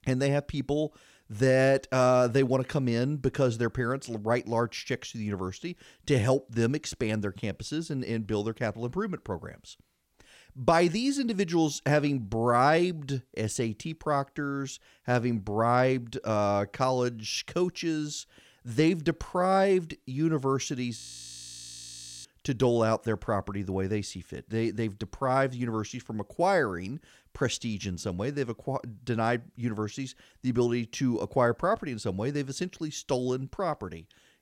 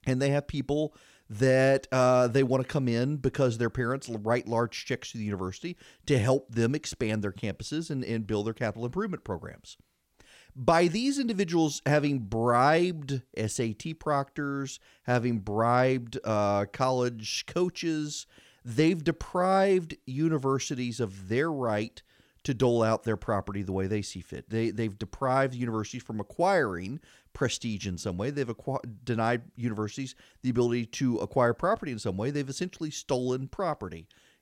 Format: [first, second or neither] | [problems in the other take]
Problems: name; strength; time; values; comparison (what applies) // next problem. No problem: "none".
second | audio freezing; at 21 s for 1.5 s